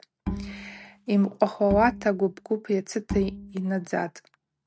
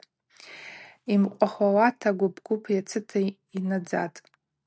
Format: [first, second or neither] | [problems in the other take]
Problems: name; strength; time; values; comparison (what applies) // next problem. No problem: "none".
second | background sound (Bowed string instrument); 10 dB below the speech